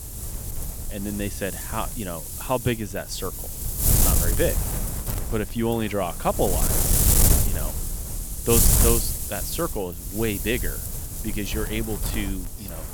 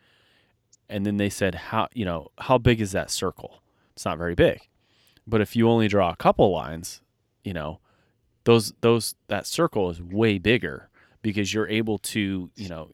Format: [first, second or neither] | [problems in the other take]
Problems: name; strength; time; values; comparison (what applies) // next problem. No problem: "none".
second | wind noise on the microphone; heavy; 1 dB below the speech